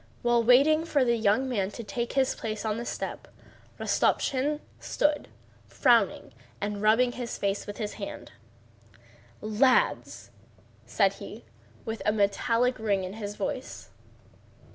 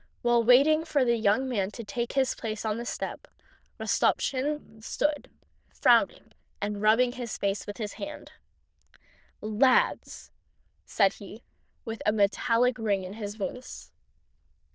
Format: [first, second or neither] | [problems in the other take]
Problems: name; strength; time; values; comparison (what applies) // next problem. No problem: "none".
first | noise reduction (neural diffusion model UNIVERSE++)